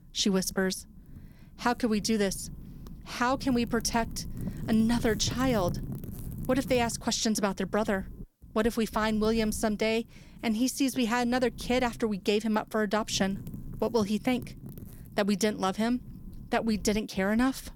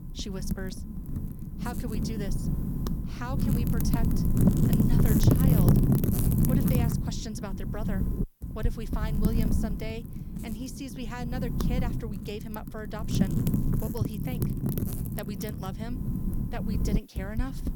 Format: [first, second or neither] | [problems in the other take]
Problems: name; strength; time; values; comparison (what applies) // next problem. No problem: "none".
first | wind noise on the microphone; heavy; 4 dB above the speech; occasional gusts in the first